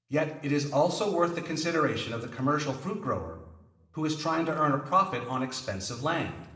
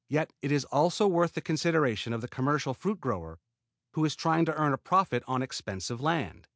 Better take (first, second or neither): second